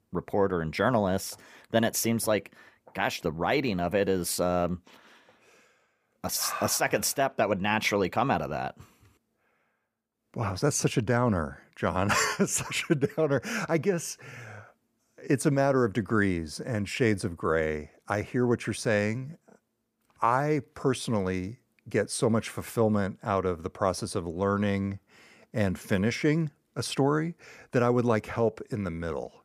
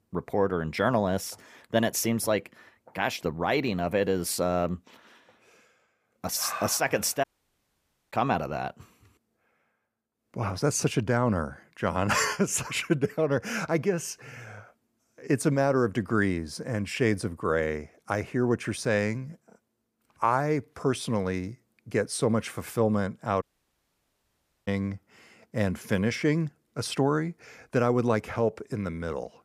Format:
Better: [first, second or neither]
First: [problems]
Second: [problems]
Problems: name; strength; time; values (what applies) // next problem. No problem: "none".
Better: first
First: none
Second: audio cutting out; at 7 s for 1 s and at 23 s for 1.5 s